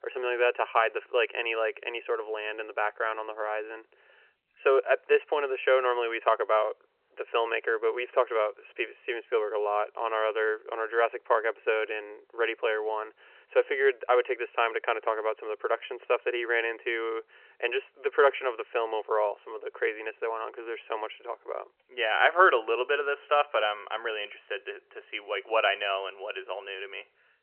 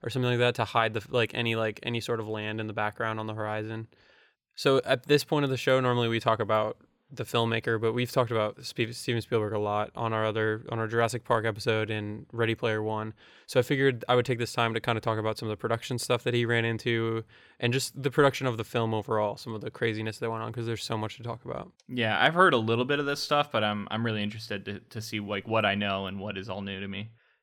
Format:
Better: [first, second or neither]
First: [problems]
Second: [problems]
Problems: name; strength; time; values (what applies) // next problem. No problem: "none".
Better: second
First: phone-call audio; nothing above 3 kHz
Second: none